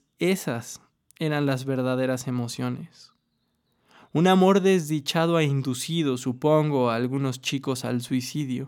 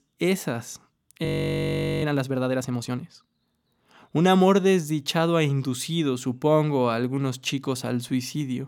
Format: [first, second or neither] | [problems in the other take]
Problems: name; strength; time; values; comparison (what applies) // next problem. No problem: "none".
first | audio freezing; at 1.5 s for 1 s